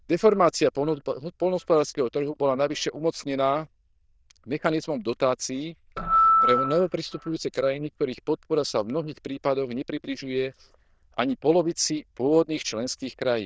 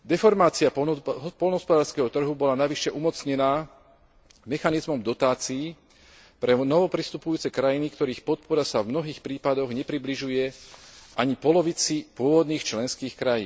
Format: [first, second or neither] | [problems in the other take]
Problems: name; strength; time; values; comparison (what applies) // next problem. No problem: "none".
second | noise reduction (neural diffusion model UNIVERSE++)